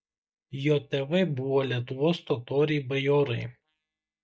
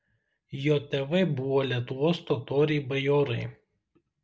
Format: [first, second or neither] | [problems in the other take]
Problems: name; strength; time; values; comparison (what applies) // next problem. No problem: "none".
second | noise reduction (neural mask model DeepFilterNet 3)